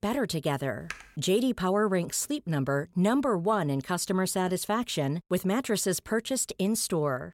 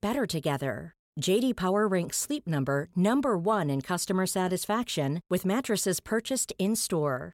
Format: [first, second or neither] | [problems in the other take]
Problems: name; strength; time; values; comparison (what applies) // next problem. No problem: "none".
second | keyboard typing; faint; at 1 s; peak 15 dB below the speech